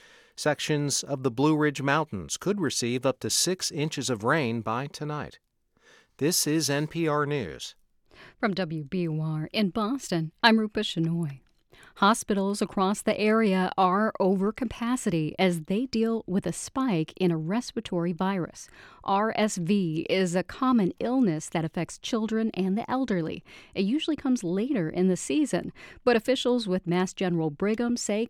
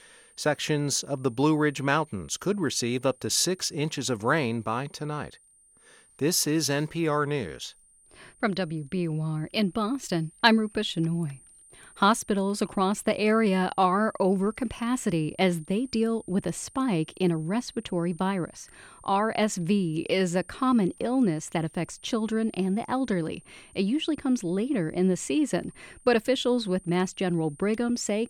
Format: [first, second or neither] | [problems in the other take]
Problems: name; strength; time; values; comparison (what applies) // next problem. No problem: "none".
first | high-pitched whine; faint; throughout; 9 kHz, 25 dB below the speech